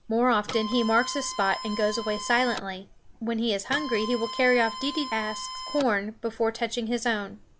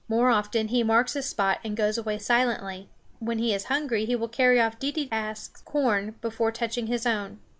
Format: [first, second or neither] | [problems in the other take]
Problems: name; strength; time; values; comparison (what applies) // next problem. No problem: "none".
second | background sound (Printer); 9 dB below the speech